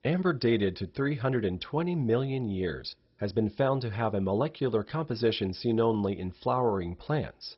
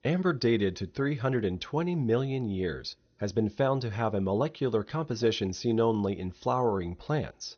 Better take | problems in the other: second | garbled, watery; badly; nothing above 5.5 kHz; slightly in the second

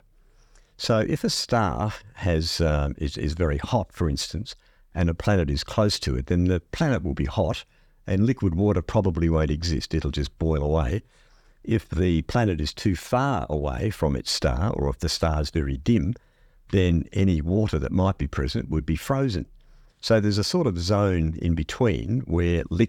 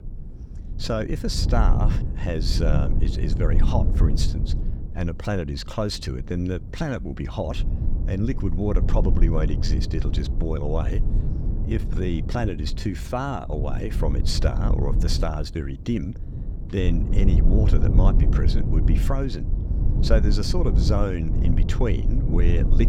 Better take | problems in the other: first | low rumble; loud; throughout; 7 dB below the speech

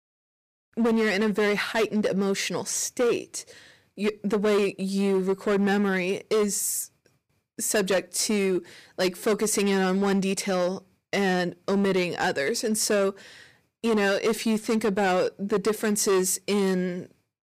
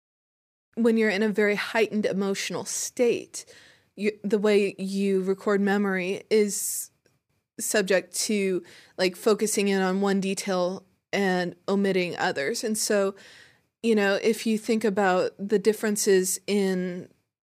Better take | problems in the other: second | distortion; slight; 11% of the sound clipped

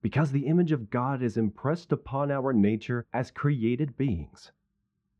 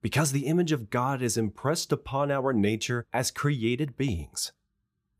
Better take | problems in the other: second | muffled; very; fading above 2 kHz

